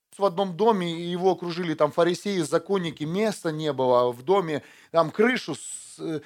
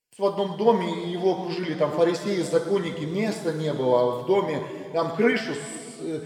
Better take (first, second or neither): first